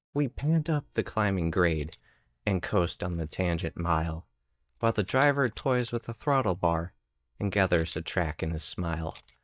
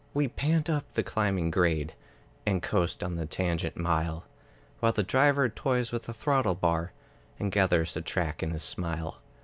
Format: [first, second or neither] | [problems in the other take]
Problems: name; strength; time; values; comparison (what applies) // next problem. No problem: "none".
second | noise reduction (neural mask model DeepFilterNet 3)